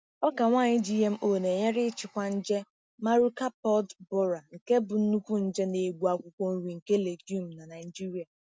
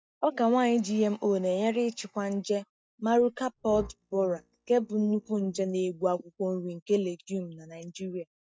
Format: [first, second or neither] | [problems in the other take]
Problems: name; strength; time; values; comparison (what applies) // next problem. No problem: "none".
first | noise reduction (neural mask model DeepFilterNet 3)